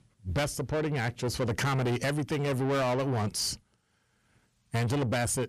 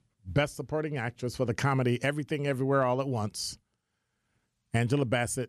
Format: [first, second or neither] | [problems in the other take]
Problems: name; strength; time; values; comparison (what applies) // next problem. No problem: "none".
second | distortion; heavy; 6 dB below the speech